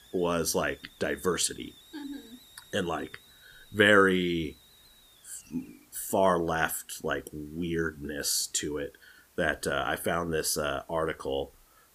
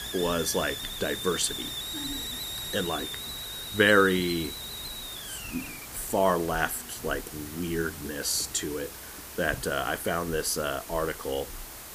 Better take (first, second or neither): first